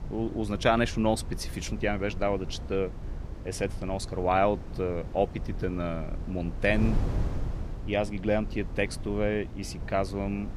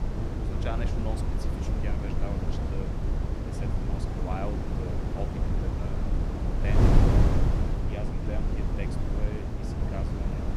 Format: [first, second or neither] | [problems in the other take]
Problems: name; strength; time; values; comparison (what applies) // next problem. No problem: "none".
first | wind noise on the microphone; heavy; 5 dB above the speech; occasional gusts in the first